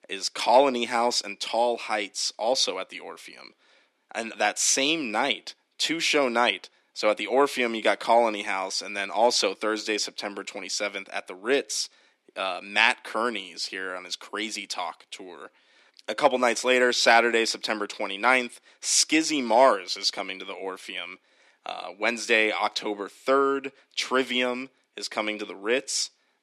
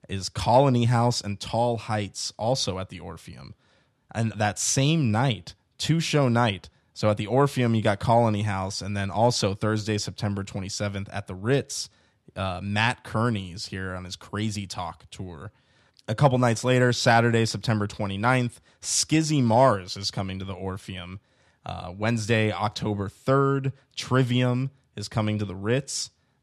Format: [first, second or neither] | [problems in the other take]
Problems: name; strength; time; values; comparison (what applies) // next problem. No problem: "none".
second | thin; somewhat; fading below 300 Hz